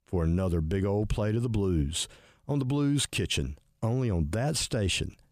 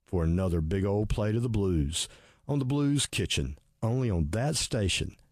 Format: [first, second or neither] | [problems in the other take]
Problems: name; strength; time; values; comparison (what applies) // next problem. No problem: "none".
first | garbled, watery; slightly